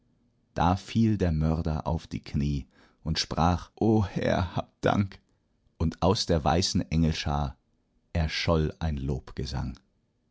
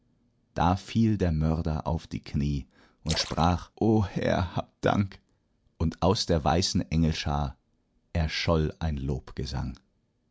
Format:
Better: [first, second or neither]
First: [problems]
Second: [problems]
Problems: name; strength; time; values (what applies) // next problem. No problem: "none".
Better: first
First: none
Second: background sound (Splash, splatter); 15 dB below the speech